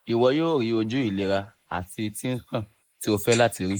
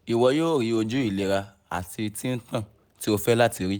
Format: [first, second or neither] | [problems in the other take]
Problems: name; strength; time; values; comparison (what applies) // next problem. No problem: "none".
second | noise reduction (neural mask model Resemble Enhance denoiser)